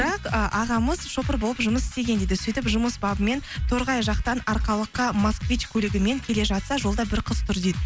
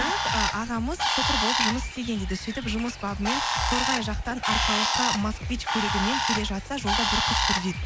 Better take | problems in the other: first | background sound (Bird); 1 dB above the speech

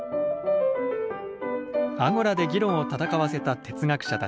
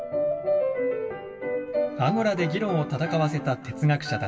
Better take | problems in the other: first | room echo; dies away in 2.4 s

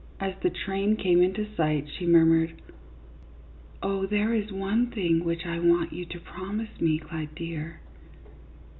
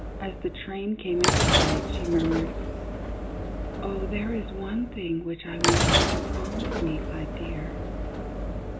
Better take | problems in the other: first | background sound (Sliding door / Train); 4 dB above the speech

